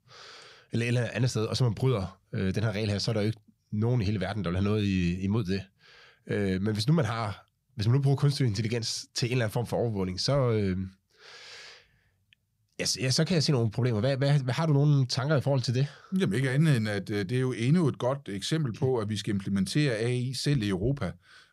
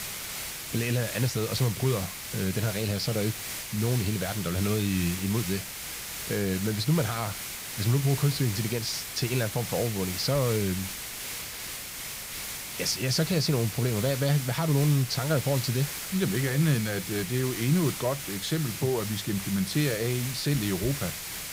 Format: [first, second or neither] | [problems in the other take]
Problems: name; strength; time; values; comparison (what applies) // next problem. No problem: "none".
first | hiss; loud; throughout; 6 dB below the speech